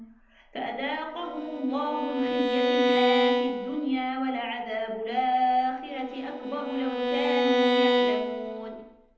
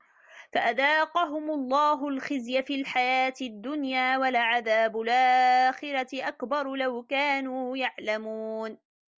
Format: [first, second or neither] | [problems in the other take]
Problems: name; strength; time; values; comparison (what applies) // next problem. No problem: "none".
second | background sound (Bowed string instrument); 2 dB above the speech // room echo; dies away in 0.9 s